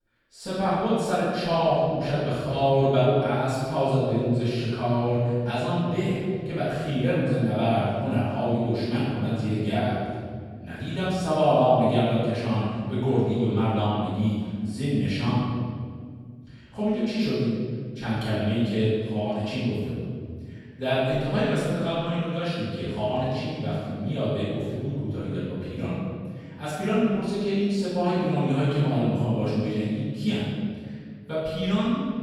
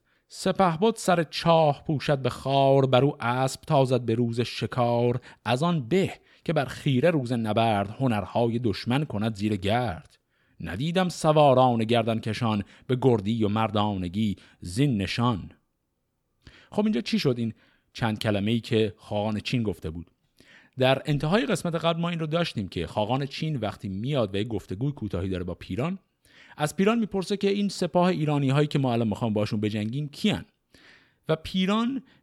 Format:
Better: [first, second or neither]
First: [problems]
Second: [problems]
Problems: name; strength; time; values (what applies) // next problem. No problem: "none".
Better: second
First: off-mic speech; far // room echo; strong; dies away in 1.9 s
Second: none